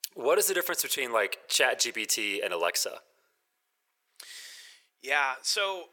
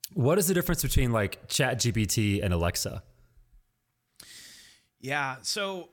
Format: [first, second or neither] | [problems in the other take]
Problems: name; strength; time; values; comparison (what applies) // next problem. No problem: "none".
second | thin; very; fading below 450 Hz